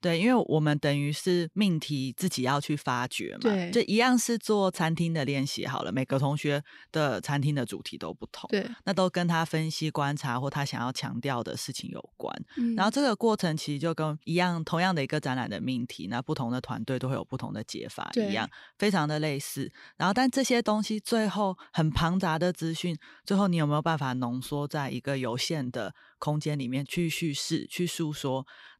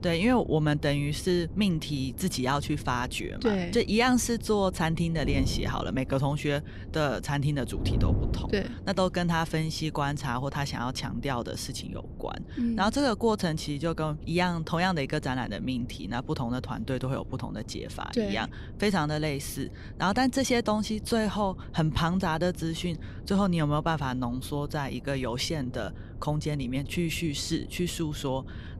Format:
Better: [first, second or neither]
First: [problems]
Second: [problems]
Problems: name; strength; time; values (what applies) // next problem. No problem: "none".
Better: first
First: none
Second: wind noise on the microphone; occasional gusts; 20 dB below the speech